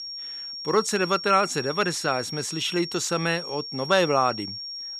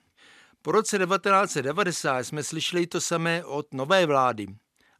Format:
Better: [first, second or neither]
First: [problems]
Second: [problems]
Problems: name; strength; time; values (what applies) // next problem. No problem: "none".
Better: second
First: high-pitched whine; loud; throughout; 5.5 kHz, 8 dB below the speech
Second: none